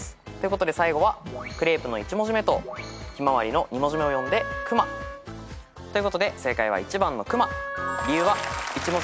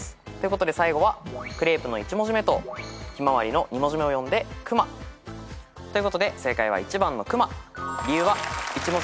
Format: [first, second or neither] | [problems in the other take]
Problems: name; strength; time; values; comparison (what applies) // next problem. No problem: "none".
second | background sound (Wind instrument, woodwind instrument); 10 dB below the speech